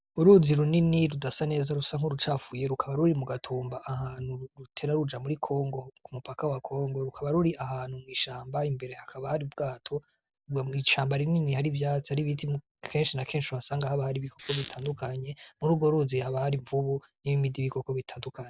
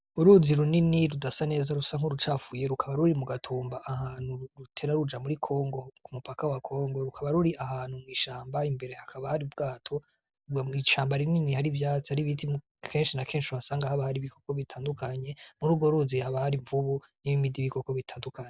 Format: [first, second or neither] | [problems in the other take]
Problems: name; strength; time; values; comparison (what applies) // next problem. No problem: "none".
second | background sound (Squeak); 13 dB below the speech